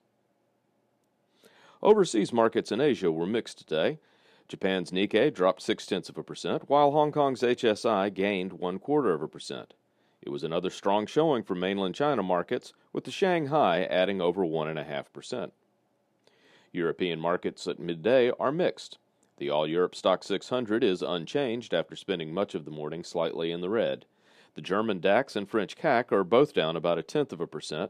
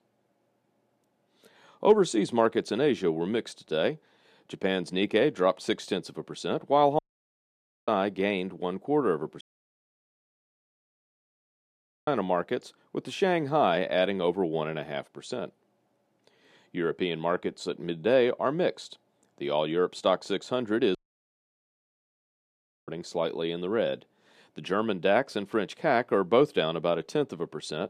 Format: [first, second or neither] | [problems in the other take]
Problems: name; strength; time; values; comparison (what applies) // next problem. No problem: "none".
first | audio cutting out; at 7 s for 1 s, at 9.5 s for 2.5 s and at 21 s for 2 s